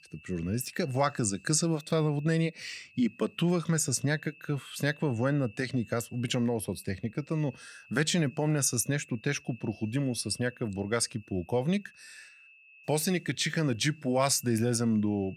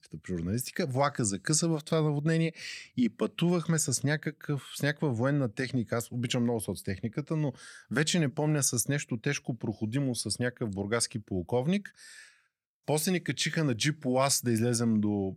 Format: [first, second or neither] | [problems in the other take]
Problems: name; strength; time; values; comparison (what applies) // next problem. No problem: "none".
second | high-pitched whine; faint; throughout; 2.5 kHz, 25 dB below the speech